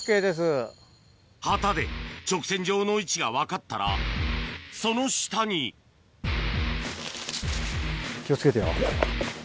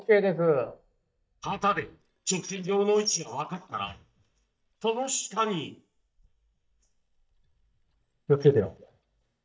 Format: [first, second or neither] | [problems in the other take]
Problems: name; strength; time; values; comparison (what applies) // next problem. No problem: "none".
first | noise reduction (neural mask model DeepFilterNet 3)